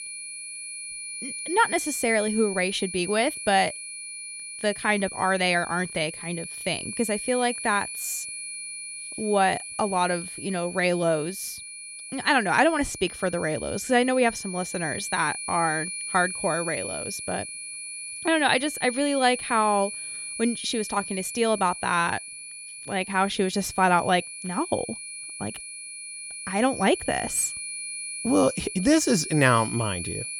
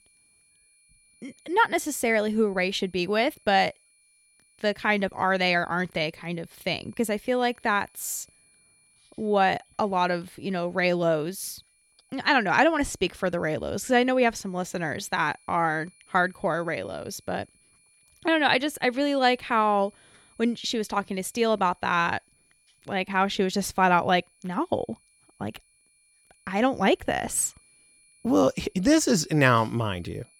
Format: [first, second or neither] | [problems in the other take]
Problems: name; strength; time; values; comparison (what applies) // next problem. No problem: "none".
second | high-pitched whine; loud; throughout; 10 kHz, 8 dB below the speech; faint in the second